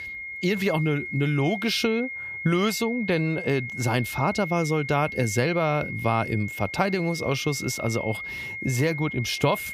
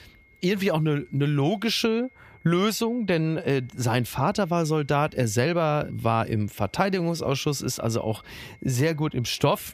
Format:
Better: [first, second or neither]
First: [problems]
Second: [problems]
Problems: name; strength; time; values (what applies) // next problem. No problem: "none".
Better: second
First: high-pitched whine; loud; throughout; 2 kHz, 7 dB below the speech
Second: high-pitched whine; faint; throughout; 2 kHz, 30 dB below the speech